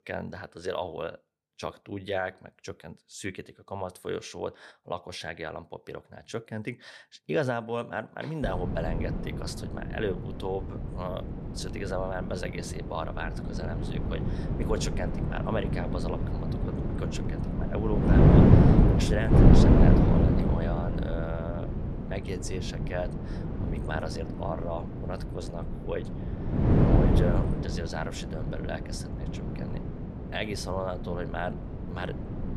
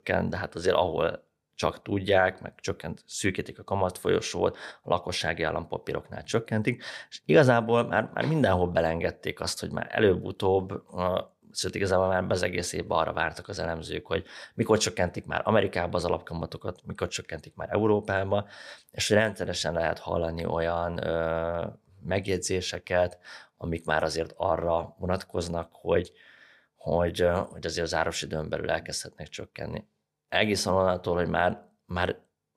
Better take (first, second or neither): second